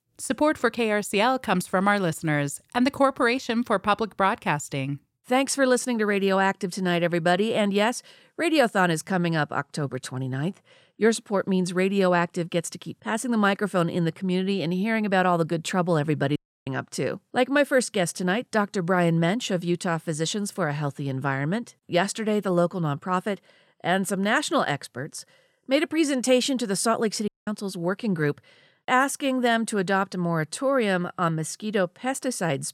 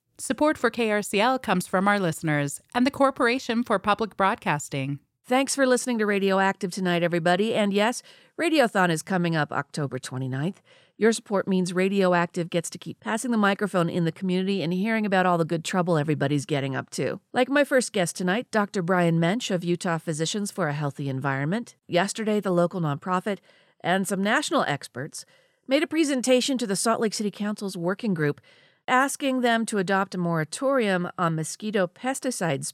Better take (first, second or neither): second